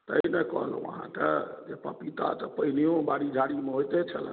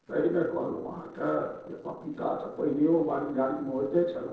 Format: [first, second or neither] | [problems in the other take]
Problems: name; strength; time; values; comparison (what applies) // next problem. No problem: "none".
first | noise reduction (neural separator model SepFormer DNS4)